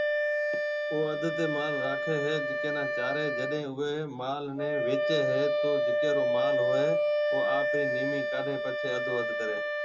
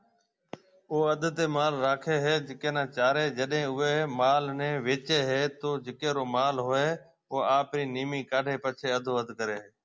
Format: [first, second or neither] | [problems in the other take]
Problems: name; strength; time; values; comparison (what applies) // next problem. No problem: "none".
second | background sound (Wind instrument, woodwind instrument); 5 dB above the speech // room echo; dies away in 0.2 s